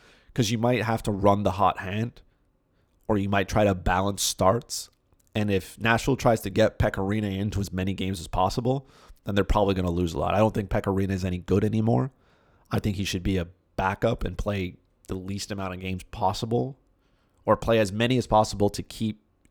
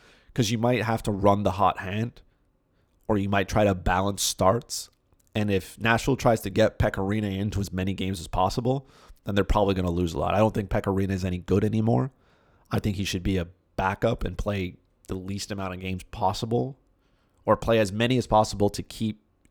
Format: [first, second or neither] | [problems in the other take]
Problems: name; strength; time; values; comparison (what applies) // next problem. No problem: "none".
neither | none